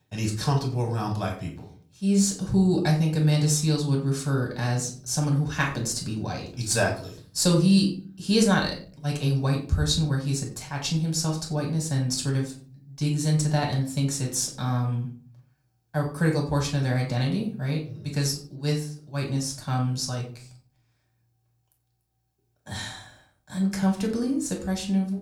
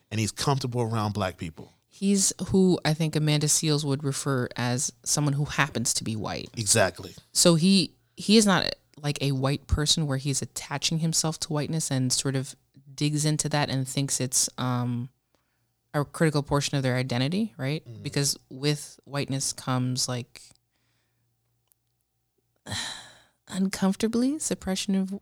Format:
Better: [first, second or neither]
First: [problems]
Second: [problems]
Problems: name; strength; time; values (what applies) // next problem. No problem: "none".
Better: second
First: off-mic speech; somewhat distant // room echo; slight; dies away in 0.4 s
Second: none